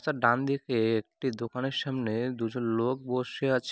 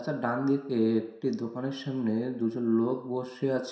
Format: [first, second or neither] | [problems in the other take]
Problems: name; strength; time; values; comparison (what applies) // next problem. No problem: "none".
first | room echo; dies away in 0.7 s